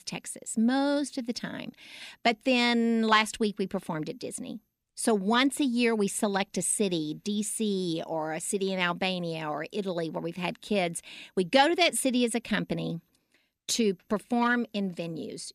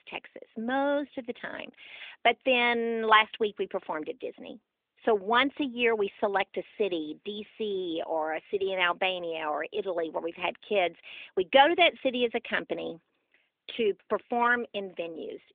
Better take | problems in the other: first | phone-call audio; nothing above 3.5 kHz

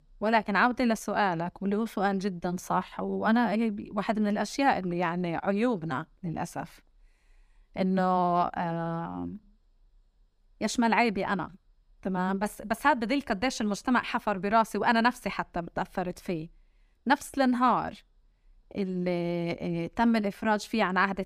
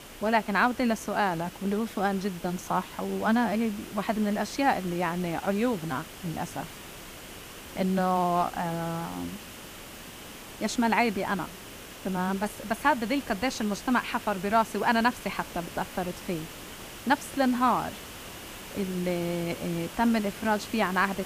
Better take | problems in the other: first | hiss; noticeable; throughout; 15 dB below the speech

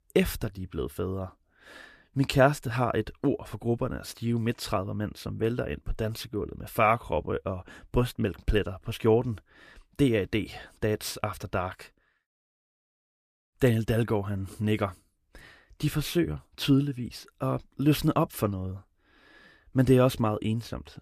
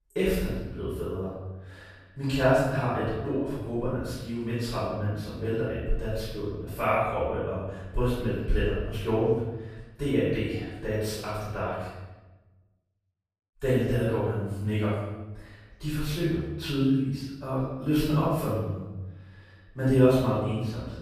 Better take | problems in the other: first | off-mic speech; far // room echo; strong; dies away in 1 s

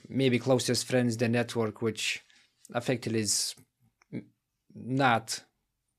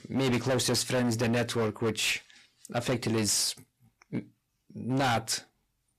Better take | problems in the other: first | distortion; heavy; 16% of the sound clipped

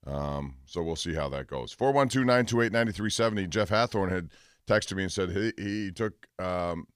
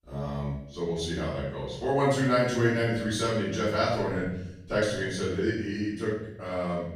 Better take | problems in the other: first | off-mic speech; far // room echo; noticeable; dies away in 0.8 s

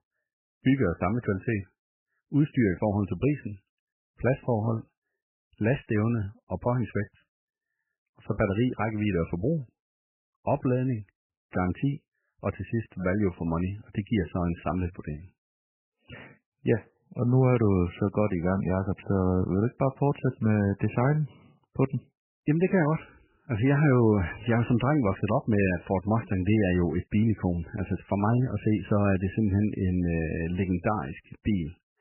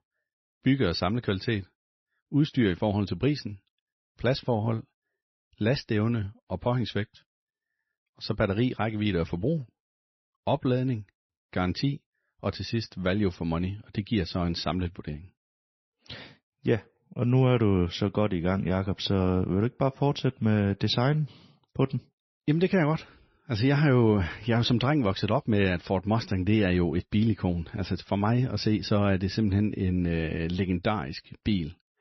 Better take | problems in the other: second | garbled, watery; badly; nothing above 3 kHz; slightly in the second

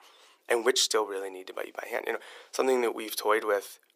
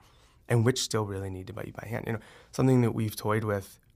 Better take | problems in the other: second | thin; very; fading below 350 Hz

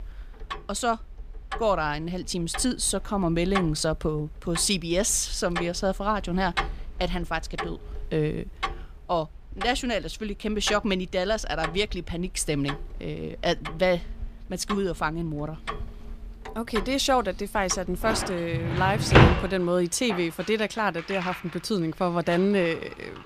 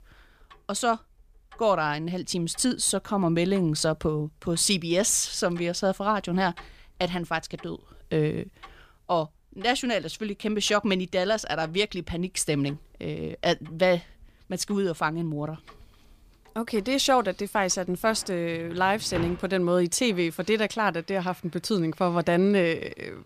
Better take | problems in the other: second | household noises; loud; throughout; 4 dB below the speech; faint in the second

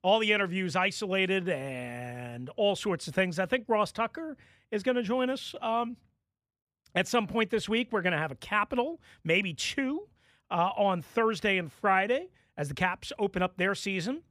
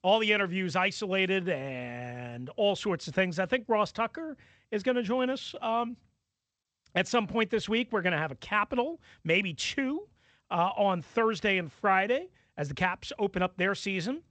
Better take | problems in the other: first | garbled, watery; slightly; nothing above 8 kHz

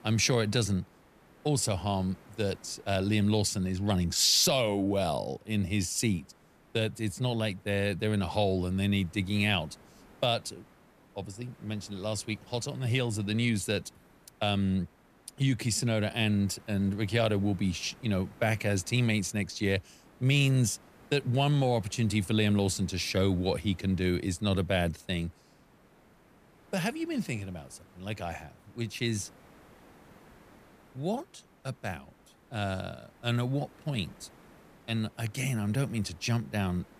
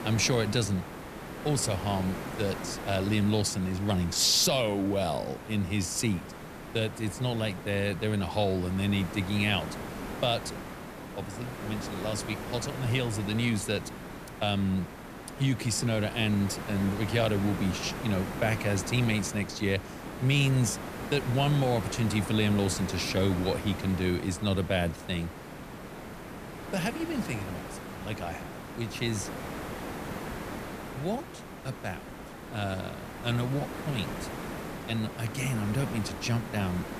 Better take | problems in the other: first | hiss; loud; throughout; 10 dB below the speech; faint in the first

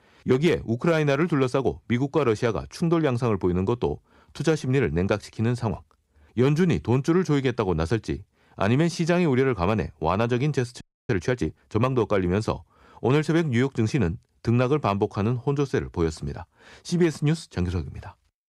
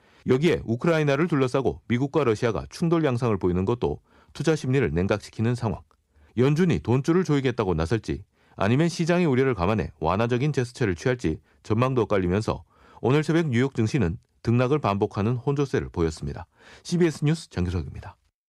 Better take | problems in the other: second | audio freezing; at 11 s

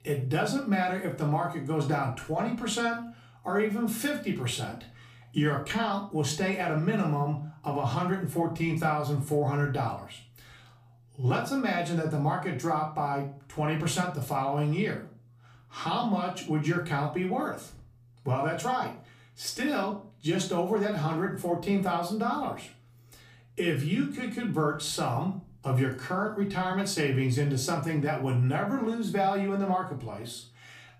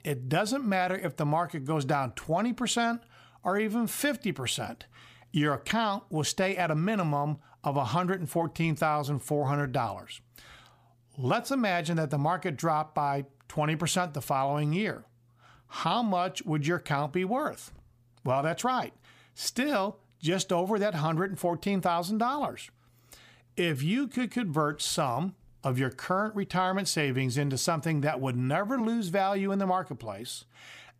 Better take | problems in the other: second | off-mic speech; far // room echo; slight; dies away in 0.3 s

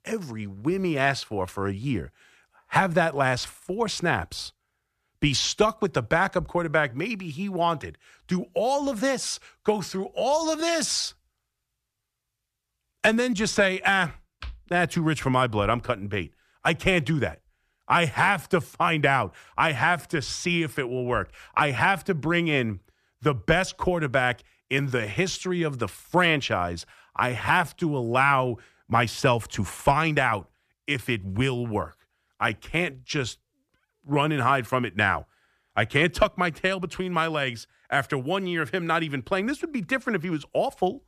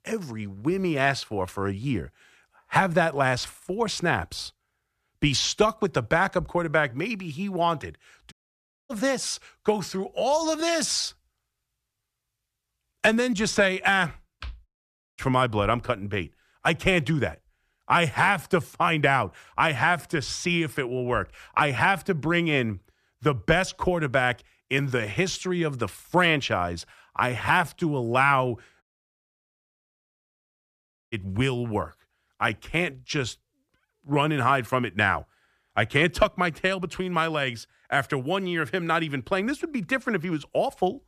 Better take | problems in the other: first | audio cutting out; at 8.5 s for 0.5 s, at 15 s for 0.5 s and at 29 s for 2.5 s

